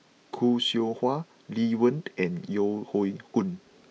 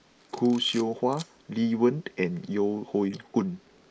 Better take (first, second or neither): first